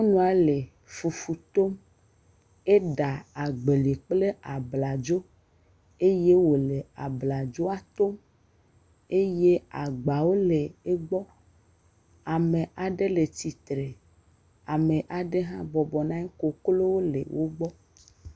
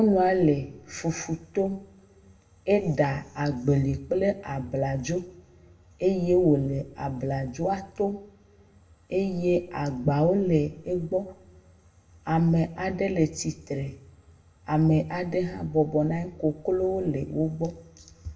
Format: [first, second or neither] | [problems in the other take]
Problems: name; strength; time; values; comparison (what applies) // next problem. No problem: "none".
first | room echo; dies away in 0.5 s